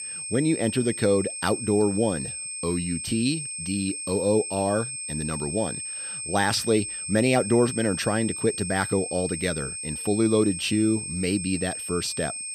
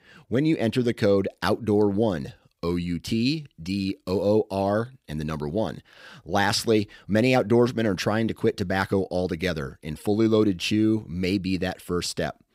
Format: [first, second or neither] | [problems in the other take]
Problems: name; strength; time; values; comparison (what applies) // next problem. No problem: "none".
second | high-pitched whine; loud; throughout; 8.5 kHz, 5 dB below the speech